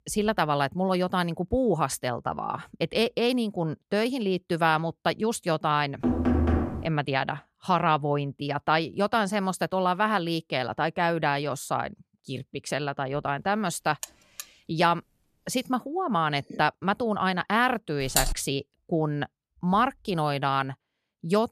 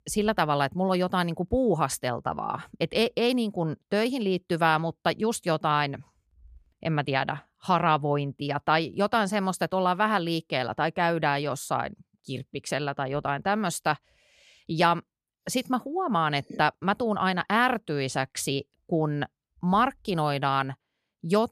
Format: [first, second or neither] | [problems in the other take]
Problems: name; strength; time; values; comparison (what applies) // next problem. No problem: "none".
second | door banging; loud; at 6 s; peak 3 dB above the speech // alarm; faint; at 14 s; peak 15 dB below the speech // keyboard typing; loud; at 18 s; peak 1 dB above the speech